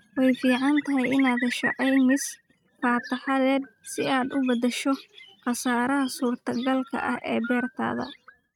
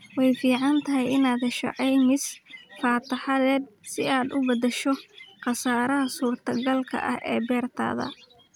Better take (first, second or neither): second